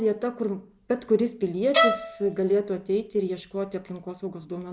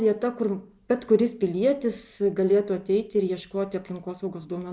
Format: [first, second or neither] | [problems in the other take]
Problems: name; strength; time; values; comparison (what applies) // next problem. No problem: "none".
second | background sound (Bowed string instrument); 1 dB below the speech